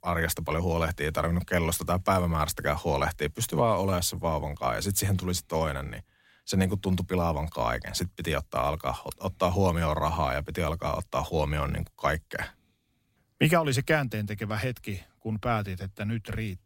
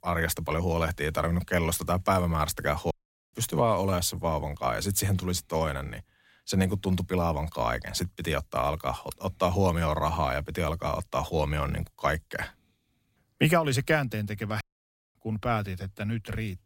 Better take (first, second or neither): first